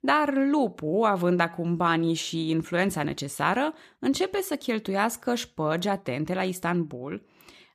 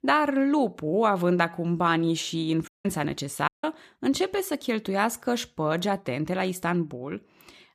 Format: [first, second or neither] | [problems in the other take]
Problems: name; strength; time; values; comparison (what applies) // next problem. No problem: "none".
first | audio cutting out; at 2.5 s and at 3.5 s